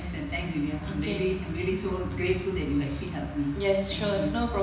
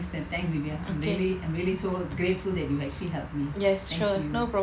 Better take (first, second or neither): second